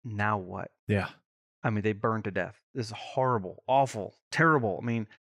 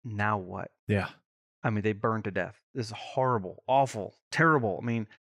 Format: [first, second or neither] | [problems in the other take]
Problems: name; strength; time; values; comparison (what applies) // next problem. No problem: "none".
neither | none